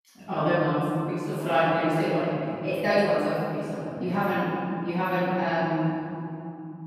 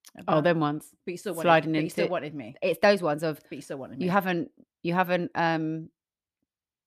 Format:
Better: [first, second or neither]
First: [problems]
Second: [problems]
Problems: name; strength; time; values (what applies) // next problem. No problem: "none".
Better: second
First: off-mic speech; far // room echo; strong; dies away in 3 s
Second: none